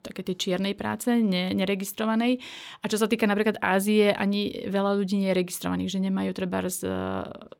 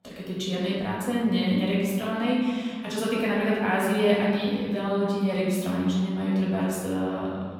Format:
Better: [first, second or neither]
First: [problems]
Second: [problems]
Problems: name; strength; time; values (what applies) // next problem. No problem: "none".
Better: first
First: none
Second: room echo; noticeable; dies away in 1.9 s // off-mic speech; far